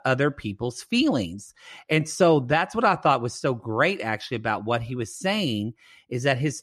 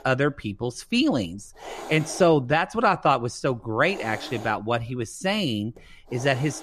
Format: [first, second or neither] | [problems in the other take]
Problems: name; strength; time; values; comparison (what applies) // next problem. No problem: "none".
first | hiss; noticeable; throughout; 15 dB below the speech